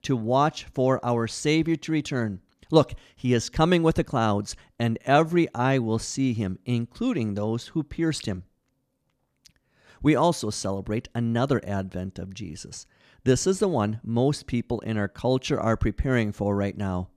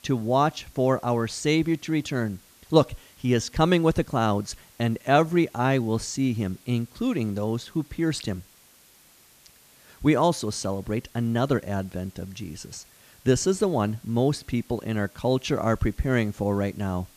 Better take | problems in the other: first | hiss; faint; throughout; 25 dB below the speech

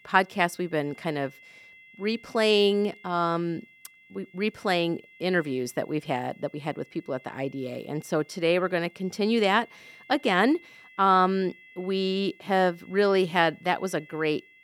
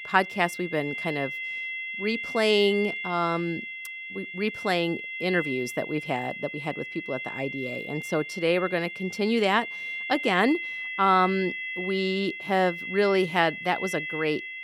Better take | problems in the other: first | high-pitched whine; loud; throughout; 2 kHz, 6 dB below the speech; faint in the first

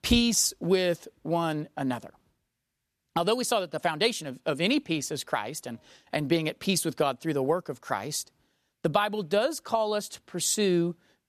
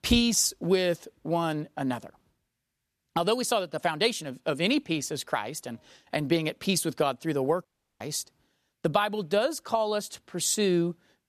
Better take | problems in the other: first | audio cutting out; at 7.5 s

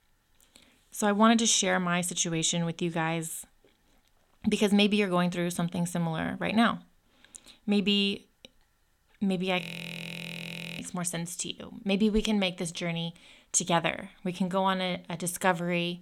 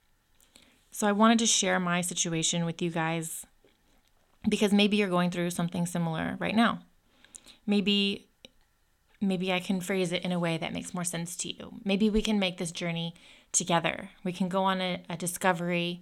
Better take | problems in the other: second | audio freezing; at 9.5 s for 1 s

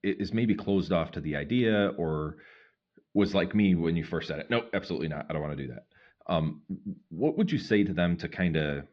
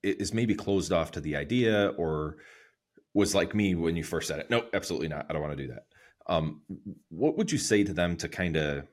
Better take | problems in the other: second | muffled; slightly; fading above 4.5 kHz

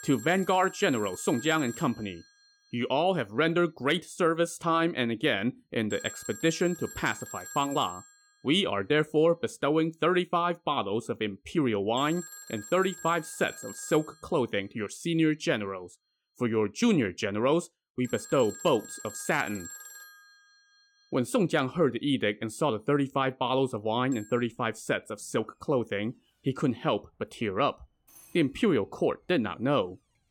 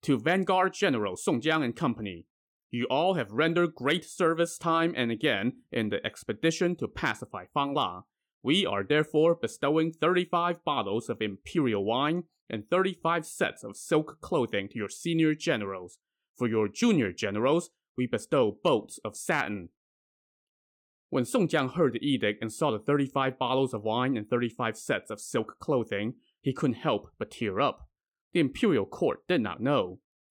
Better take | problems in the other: second | alarms or sirens; noticeable; throughout; 15 dB below the speech

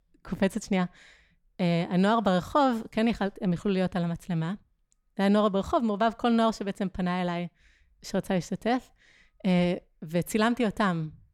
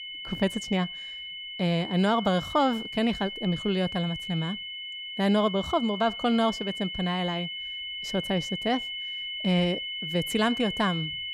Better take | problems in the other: first | high-pitched whine; loud; throughout; 3 kHz, 6 dB below the speech

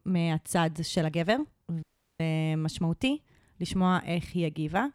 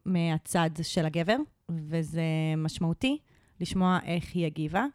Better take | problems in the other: second | audio cutting out; at 2 s

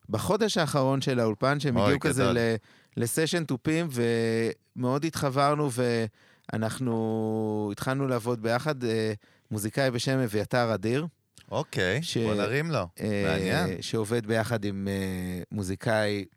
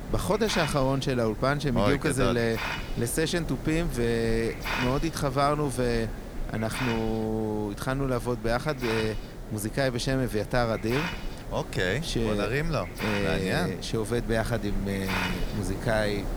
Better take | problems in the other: first | hiss; loud; throughout; 8 dB below the speech

